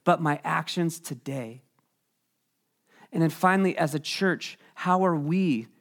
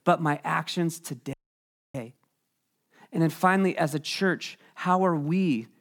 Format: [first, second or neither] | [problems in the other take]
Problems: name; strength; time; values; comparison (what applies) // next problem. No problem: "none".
first | audio freezing; at 1.5 s for 0.5 s